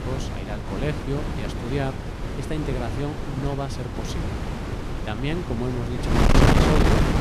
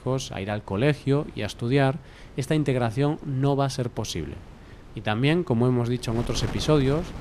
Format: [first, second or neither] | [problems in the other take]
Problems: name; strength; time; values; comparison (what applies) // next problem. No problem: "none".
second | wind noise on the microphone; heavy; 4 dB above the speech; occasional gusts in the second